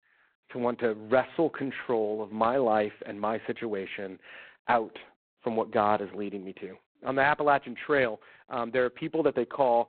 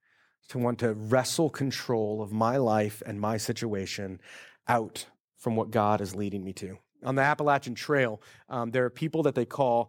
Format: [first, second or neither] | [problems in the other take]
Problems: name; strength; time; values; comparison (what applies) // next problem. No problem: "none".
second | phone-call audio; poor line; nothing above 4 kHz